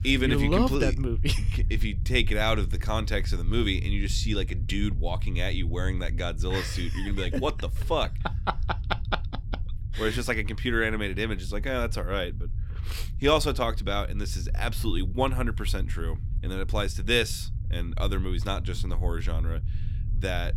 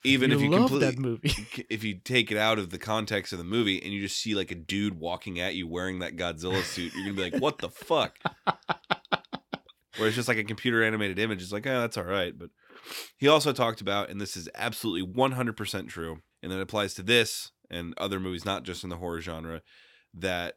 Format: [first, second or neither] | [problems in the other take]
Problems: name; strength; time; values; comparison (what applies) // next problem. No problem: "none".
second | low rumble; noticeable; throughout; 20 dB below the speech